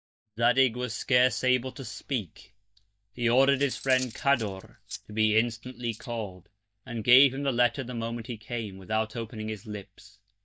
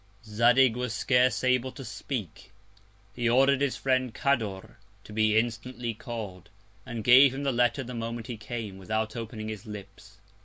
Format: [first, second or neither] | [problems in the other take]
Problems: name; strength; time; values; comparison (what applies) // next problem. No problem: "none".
second | noise reduction (neural mask model DeepFilterNet 3)